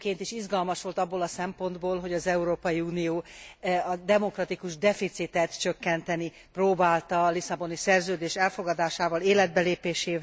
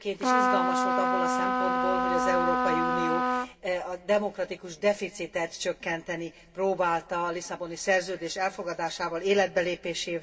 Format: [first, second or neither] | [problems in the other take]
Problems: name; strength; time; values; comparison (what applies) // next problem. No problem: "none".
first | background sound (Trumpet); 4 dB above the speech // room echo; dies away in 0.1 s